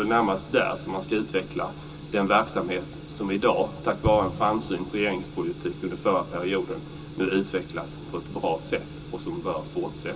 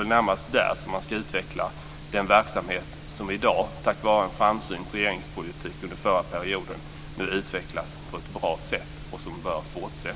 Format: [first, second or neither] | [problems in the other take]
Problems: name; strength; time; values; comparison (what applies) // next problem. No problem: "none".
second | background sound (Explosion); 9 dB below the speech // room echo; dies away in 0.2 s